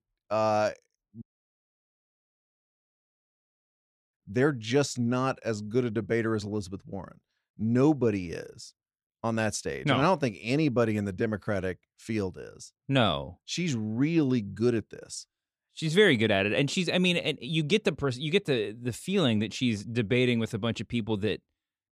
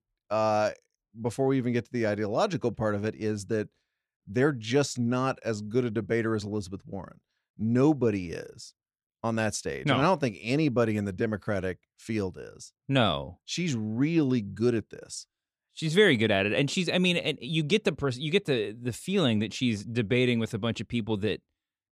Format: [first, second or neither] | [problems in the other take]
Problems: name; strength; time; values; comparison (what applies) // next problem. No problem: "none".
second | audio cutting out; at 1 s for 3 s